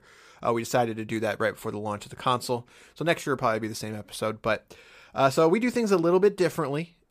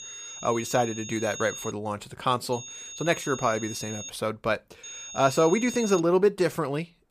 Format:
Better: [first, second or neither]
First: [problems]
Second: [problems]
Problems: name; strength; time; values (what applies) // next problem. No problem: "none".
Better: first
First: none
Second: high-pitched whine; noticeable; until 1.5 s, from 2.5 to 4 s and from 5 to 6 s; 6.5 kHz, 10 dB below the speech